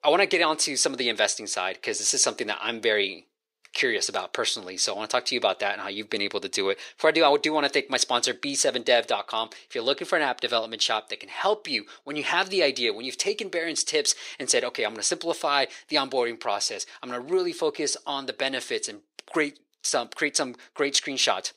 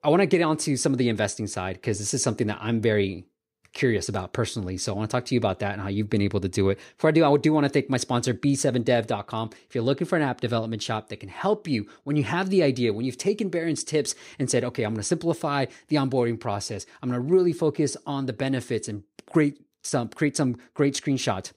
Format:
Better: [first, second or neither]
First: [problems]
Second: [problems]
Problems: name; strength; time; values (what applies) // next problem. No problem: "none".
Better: second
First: thin; very; fading below 550 Hz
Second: none